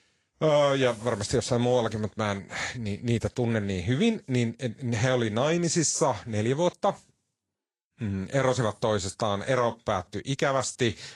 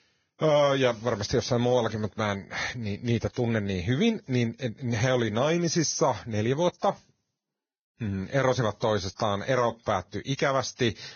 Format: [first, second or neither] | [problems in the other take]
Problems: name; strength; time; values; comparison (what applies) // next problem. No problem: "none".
first | garbled, watery; badly; nothing above 6.5 kHz; slightly in the first